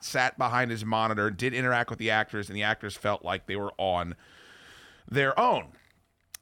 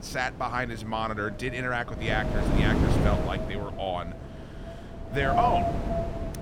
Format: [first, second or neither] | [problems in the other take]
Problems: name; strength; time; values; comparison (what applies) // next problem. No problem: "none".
first | wind noise on the microphone; heavy; as loud as the speech